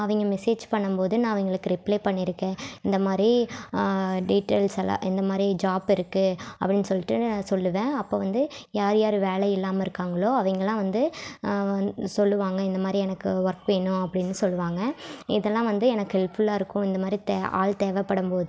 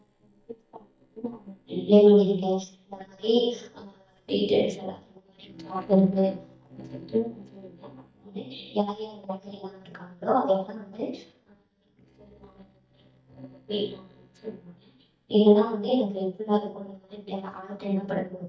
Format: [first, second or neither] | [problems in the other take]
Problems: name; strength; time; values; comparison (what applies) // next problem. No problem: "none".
first | noise reduction (neural mask model DeepFilterNet 3)